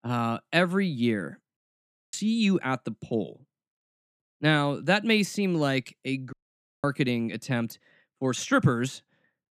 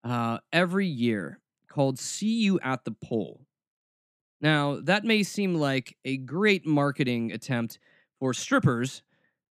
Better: second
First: audio cutting out; at 1.5 s for 0.5 s and at 6.5 s for 0.5 s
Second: none

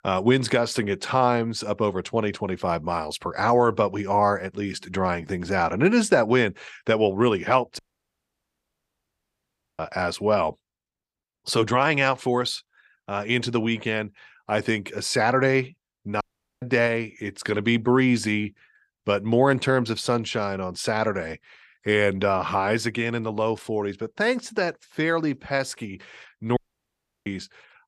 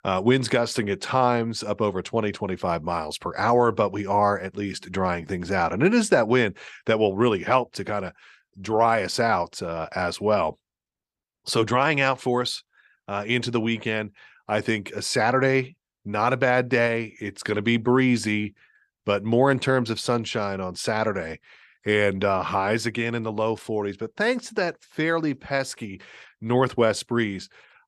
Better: second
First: audio cutting out; at 8 s for 2 s, at 16 s and at 27 s for 0.5 s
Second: none

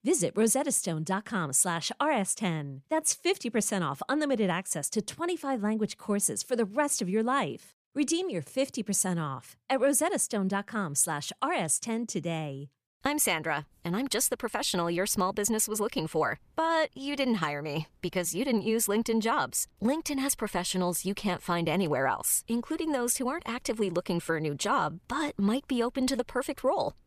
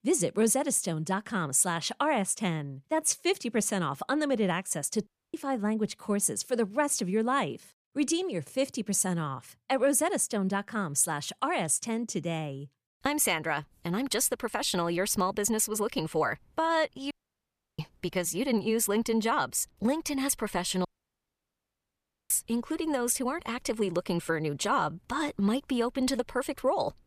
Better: first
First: none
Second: audio cutting out; at 5 s, at 17 s for 0.5 s and at 21 s for 1.5 s

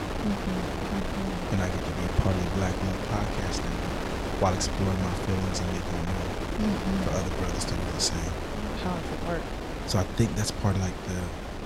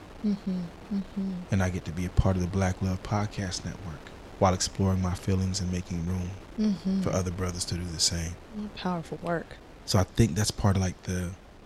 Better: second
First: wind noise on the microphone; heavy; as loud as the speech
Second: wind noise on the microphone; occasional gusts; 15 dB below the speech

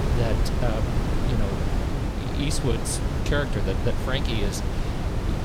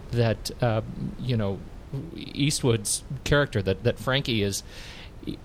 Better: second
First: wind noise on the microphone; heavy; 2 dB below the speech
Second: wind noise on the microphone; occasional gusts; 25 dB below the speech

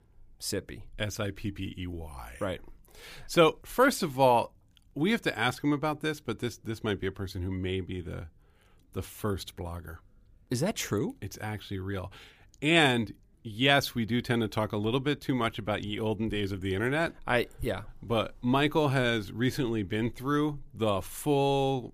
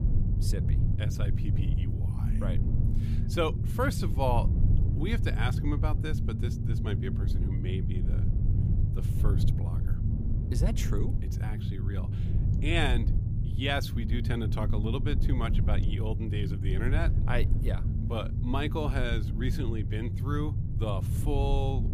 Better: first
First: none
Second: low rumble; loud; throughout; 7 dB below the speech

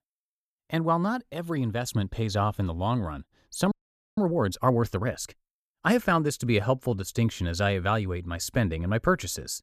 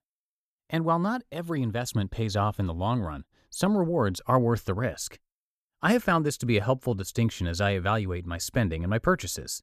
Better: second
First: audio freezing; at 3.5 s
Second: none

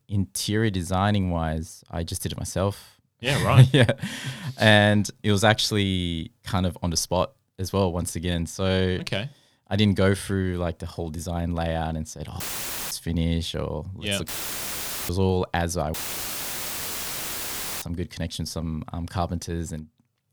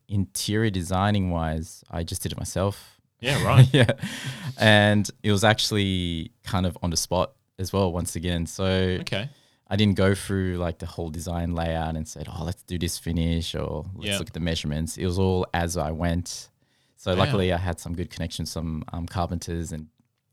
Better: second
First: audio cutting out; filled with static; at 12 s for 0.5 s, at 14 s for 1 s and at 16 s for 2 s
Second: none

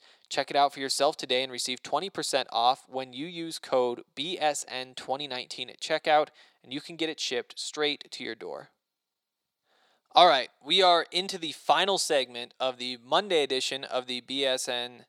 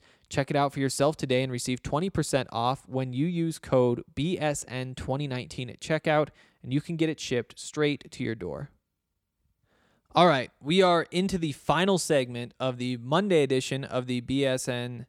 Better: second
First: thin; somewhat; fading below 450 Hz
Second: none

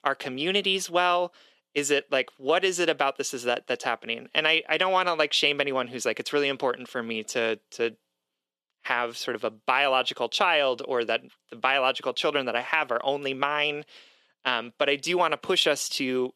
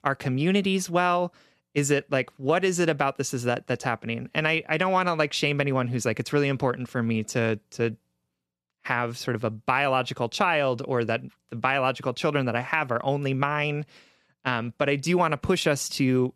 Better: second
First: thin; somewhat; fading below 400 Hz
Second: none

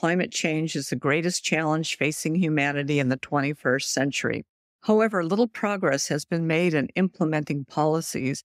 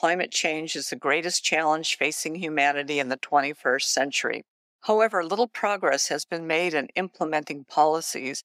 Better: first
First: none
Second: thin; somewhat; fading below 400 Hz

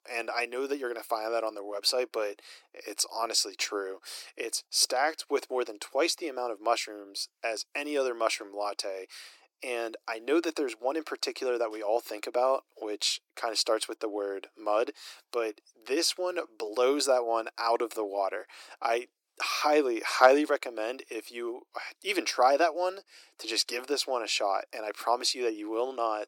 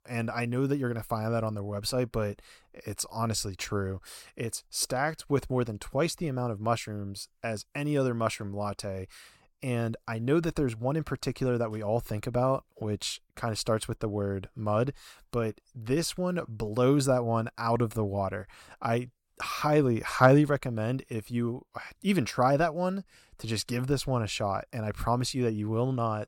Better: second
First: thin; very; fading below 300 Hz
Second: none

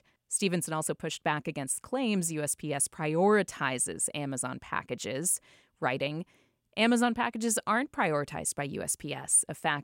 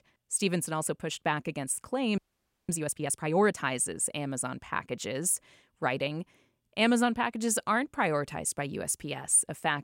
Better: first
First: none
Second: audio freezing; at 2 s for 0.5 s

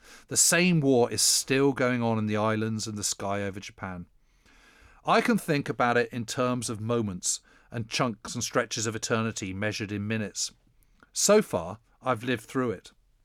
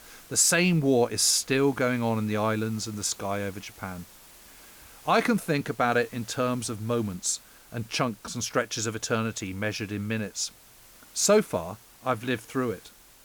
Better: first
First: none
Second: hiss; faint; throughout; 25 dB below the speech

